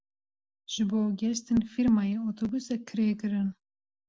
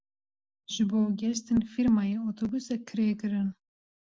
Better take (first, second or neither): first